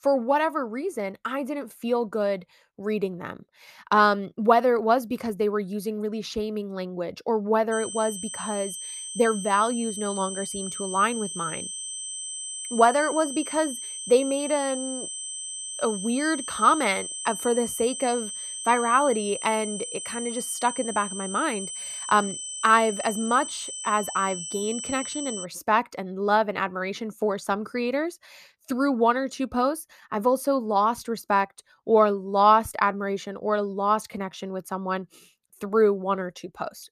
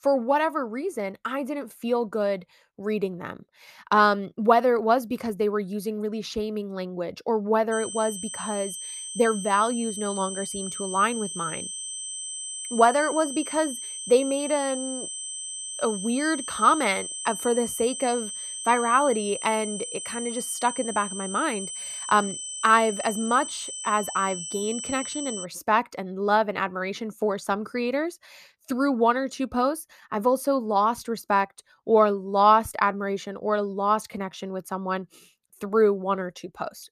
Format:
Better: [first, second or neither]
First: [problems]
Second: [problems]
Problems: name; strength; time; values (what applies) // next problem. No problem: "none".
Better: neither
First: high-pitched whine; loud; from 7.5 to 25 s; 8 kHz, 7 dB below the speech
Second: high-pitched whine; loud; from 7.5 to 25 s; 8 kHz, 7 dB below the speech